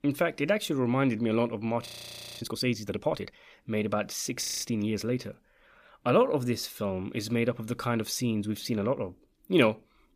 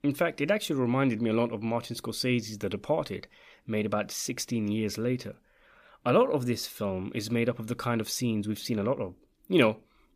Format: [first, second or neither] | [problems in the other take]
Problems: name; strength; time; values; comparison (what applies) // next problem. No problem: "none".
second | audio freezing; at 2 s for 0.5 s and at 4.5 s